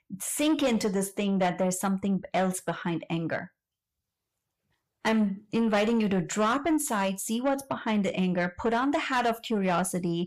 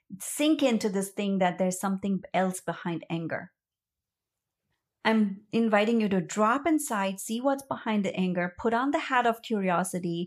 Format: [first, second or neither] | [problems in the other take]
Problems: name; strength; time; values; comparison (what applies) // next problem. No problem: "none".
second | distortion; slight; 10 dB below the speech